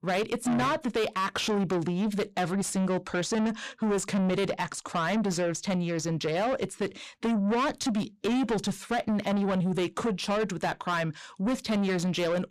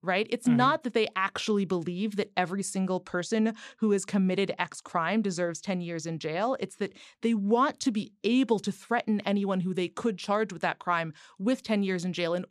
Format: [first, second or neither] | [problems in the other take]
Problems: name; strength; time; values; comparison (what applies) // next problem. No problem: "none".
second | distortion; heavy; 6 dB below the speech